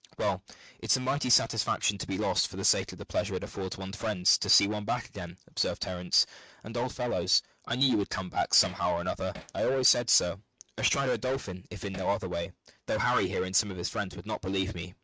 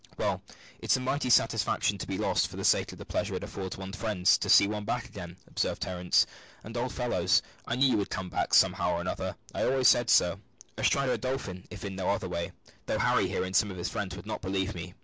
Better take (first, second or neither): second